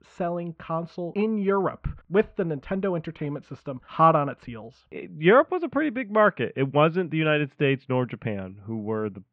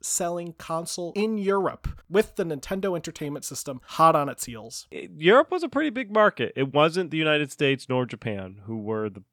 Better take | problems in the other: second | muffled; very; fading above 2.5 kHz

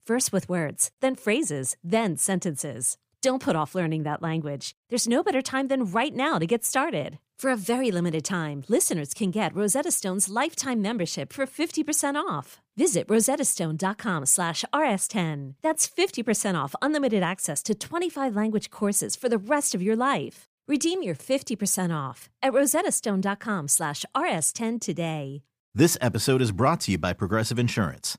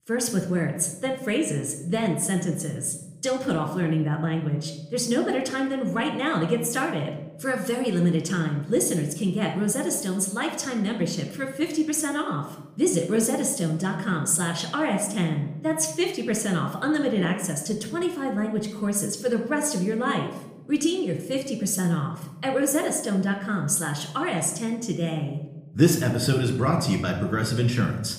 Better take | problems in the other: first | room echo; slight; dies away in 0.8 s

